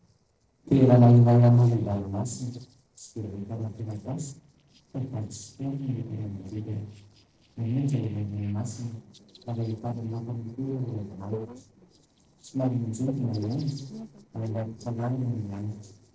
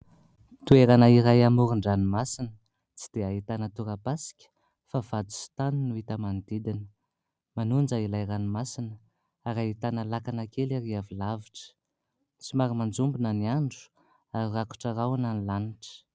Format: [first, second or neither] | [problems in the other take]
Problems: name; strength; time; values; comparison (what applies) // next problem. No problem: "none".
second | noise reduction (neural separator model SepFormer DNS4)